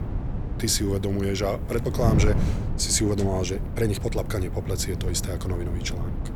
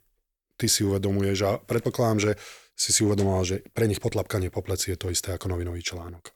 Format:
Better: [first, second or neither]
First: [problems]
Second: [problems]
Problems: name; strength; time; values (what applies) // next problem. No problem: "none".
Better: second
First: wind noise on the microphone; occasional gusts; 10 dB below the speech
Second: none